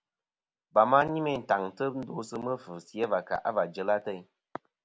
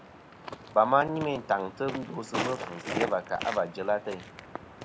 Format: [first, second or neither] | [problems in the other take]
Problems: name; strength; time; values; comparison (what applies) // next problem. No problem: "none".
first | background sound (Walk, footsteps); 8 dB below the speech